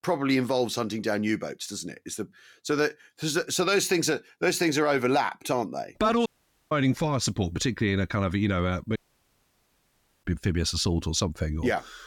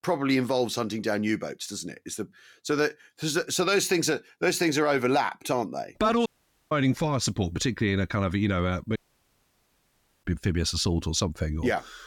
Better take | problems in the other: neither | audio cutting out; at 6.5 s and at 9 s for 1.5 s; the same in both

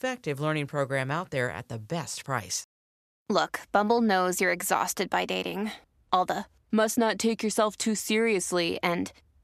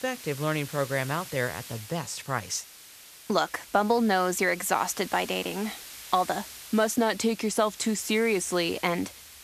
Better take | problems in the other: first | hiss; noticeable; throughout; 15 dB below the speech

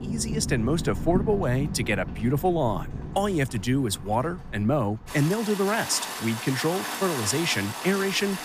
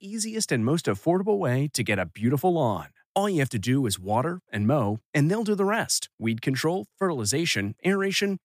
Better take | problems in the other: second | rain or running water; loud; throughout; 8 dB below the speech

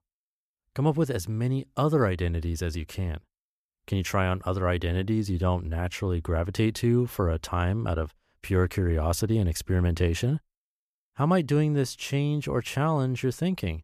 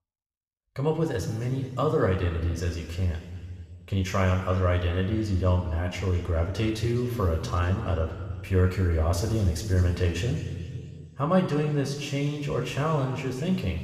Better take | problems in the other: first | room echo; noticeable; dies away in 2.2 s // off-mic speech; somewhat distant

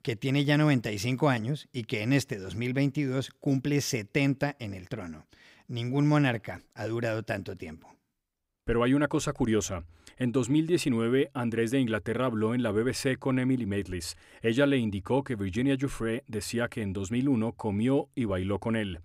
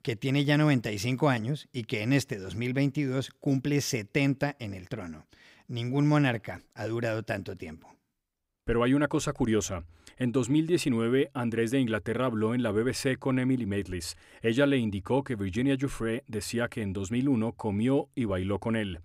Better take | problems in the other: neither | none

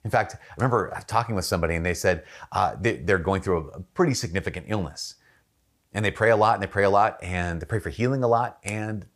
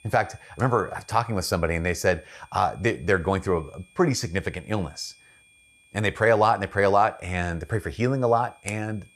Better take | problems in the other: first | high-pitched whine; faint; throughout; 2.5 kHz, 30 dB below the speech

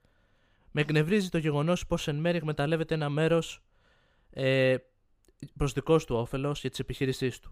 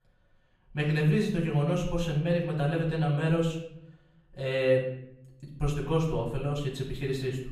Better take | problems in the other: first | off-mic speech; far // room echo; noticeable; dies away in 0.7 s

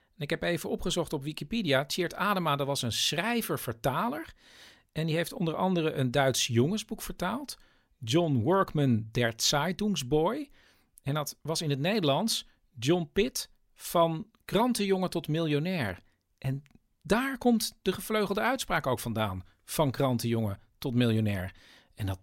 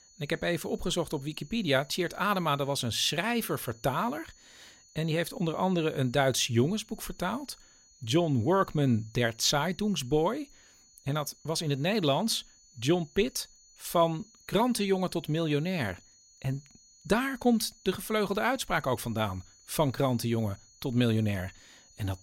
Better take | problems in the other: first | high-pitched whine; faint; throughout; 7 kHz, 25 dB below the speech

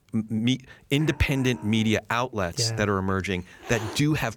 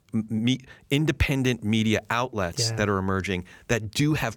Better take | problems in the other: second | hiss; noticeable; throughout; 15 dB below the speech

